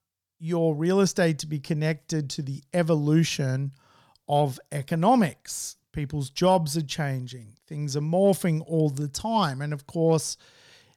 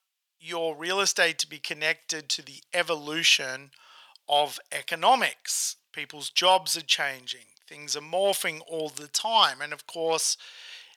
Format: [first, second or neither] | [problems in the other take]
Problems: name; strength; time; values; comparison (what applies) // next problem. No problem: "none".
first | thin; very; fading below 800 Hz